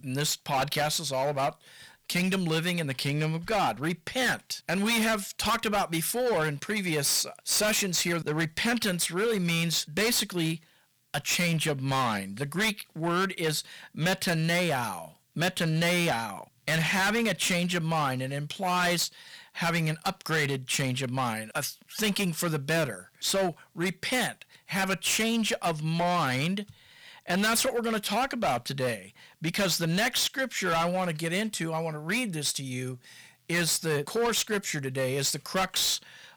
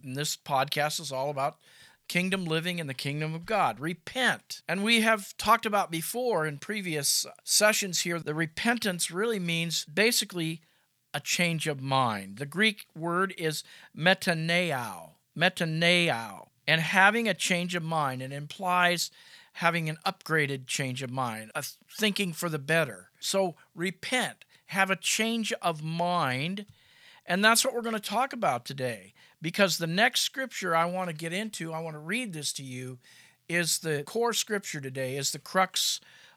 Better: second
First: distortion; heavy; 15% of the sound clipped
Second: none

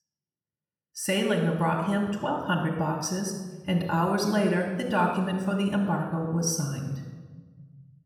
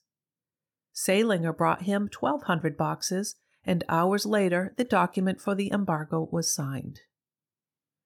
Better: second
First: off-mic speech; somewhat distant // room echo; noticeable; dies away in 1.2 s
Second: none

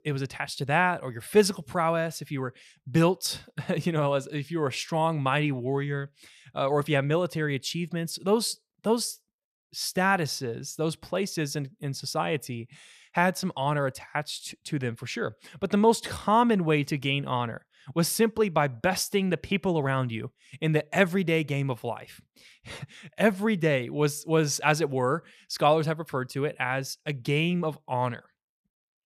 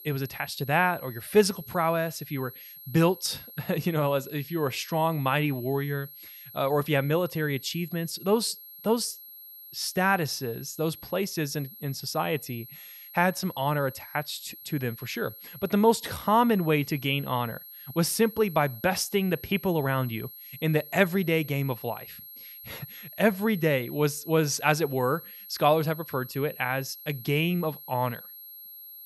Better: first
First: none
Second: high-pitched whine; noticeable; throughout; 11.5 kHz, 15 dB below the speech

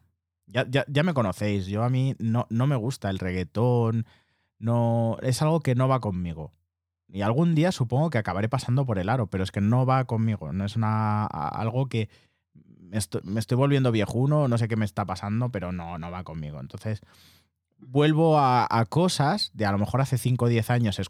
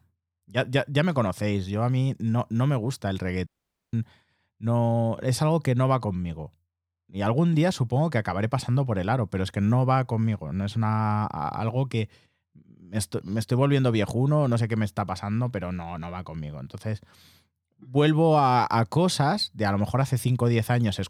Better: first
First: none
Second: audio cutting out; at 3.5 s

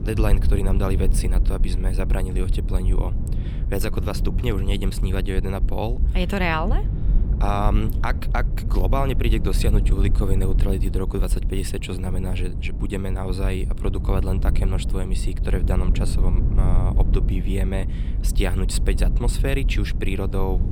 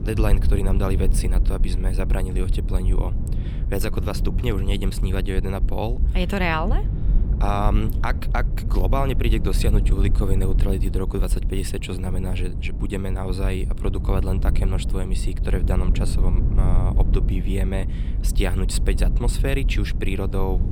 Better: neither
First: low rumble; noticeable; throughout; 10 dB below the speech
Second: low rumble; noticeable; throughout; 10 dB below the speech

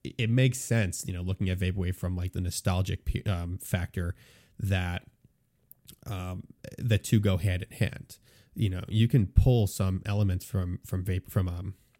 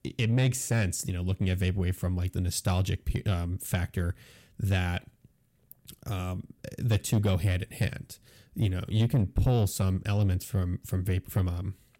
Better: first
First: none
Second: distortion; slight; 10 dB below the speech

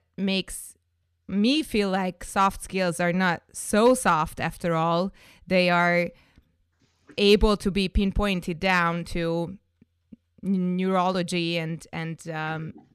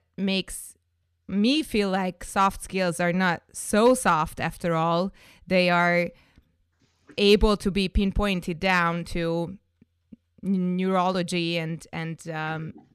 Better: neither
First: none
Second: none

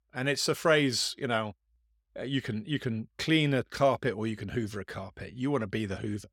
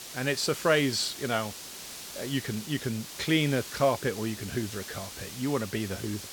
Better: first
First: none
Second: hiss; noticeable; throughout; 10 dB below the speech

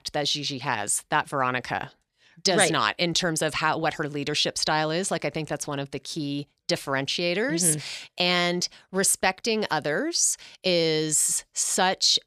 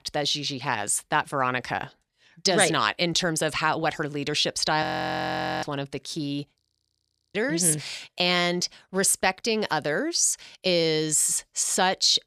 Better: first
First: none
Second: audio freezing; at 5 s for 1 s and at 6.5 s for 0.5 s

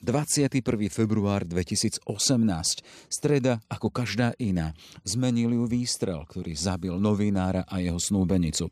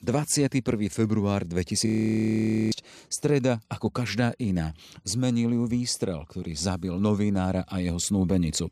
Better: first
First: none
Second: audio freezing; at 2 s for 1 s

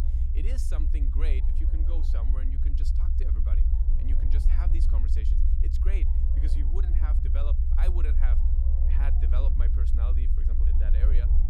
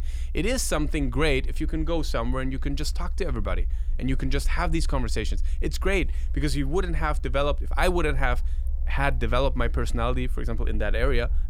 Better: second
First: low rumble; loud; throughout; as loud as the speech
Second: low rumble; faint; throughout; 25 dB below the speech

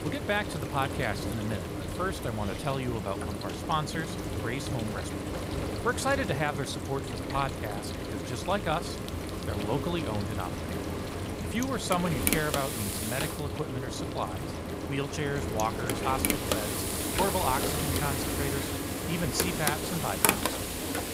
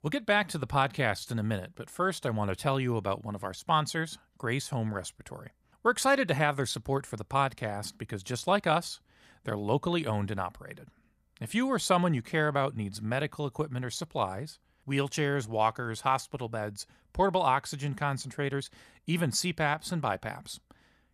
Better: second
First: household noises; very loud; throughout; 1 dB above the speech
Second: none

